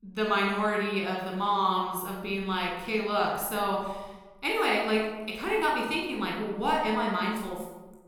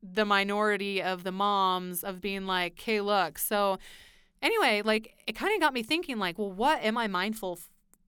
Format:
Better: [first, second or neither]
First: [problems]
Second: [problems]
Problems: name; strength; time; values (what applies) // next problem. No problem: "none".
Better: second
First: off-mic speech; somewhat distant // room echo; noticeable; dies away in 1.1 s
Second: none